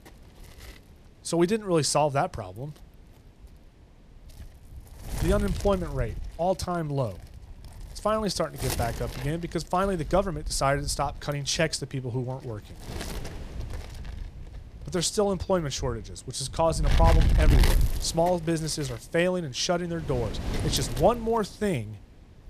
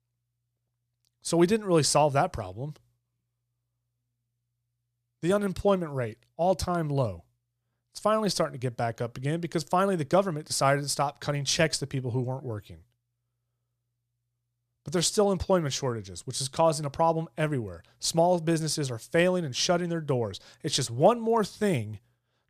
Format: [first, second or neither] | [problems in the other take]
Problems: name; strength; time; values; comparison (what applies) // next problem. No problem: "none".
second | wind noise on the microphone; occasional gusts; 10 dB below the speech